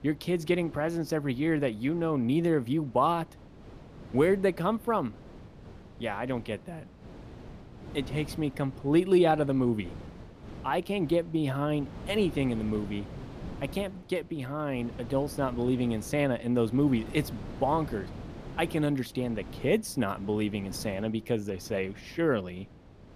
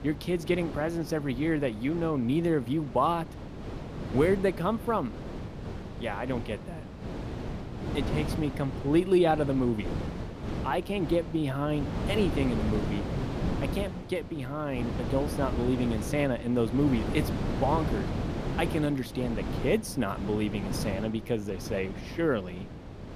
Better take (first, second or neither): first